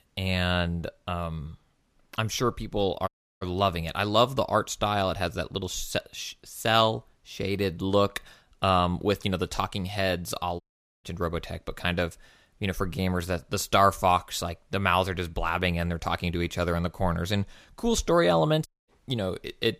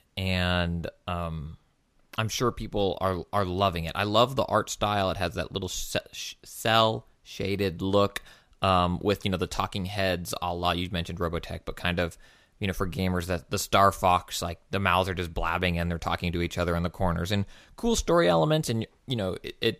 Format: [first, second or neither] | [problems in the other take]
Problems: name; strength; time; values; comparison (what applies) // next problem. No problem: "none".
second | audio cutting out; at 3 s, at 11 s and at 19 s